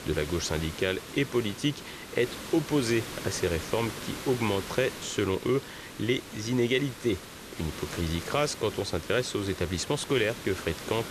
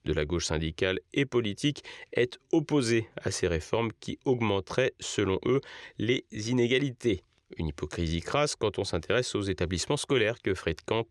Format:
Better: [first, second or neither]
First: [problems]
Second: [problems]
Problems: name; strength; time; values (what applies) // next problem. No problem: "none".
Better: second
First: hiss; noticeable; throughout; 10 dB below the speech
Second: none